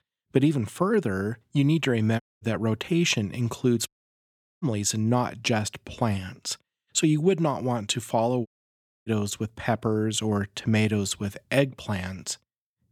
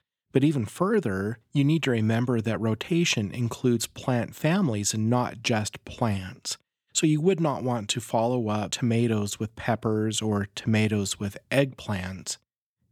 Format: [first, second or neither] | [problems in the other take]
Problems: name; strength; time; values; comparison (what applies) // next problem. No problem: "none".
second | audio cutting out; at 2 s, at 4 s for 0.5 s and at 8.5 s for 0.5 s